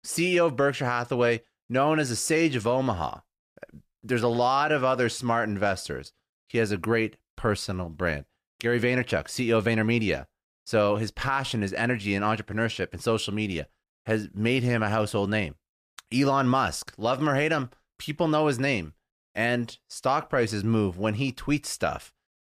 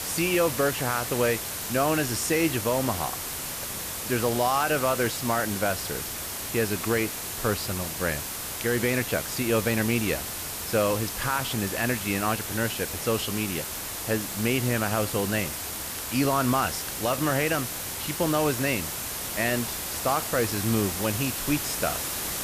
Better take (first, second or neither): first